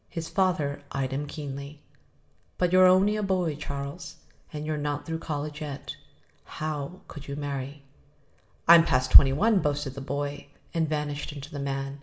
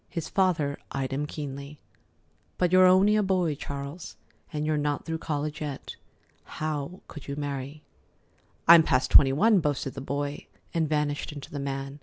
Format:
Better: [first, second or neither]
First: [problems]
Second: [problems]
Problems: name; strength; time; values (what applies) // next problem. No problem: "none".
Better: second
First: room echo; dies away in 0.6 s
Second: none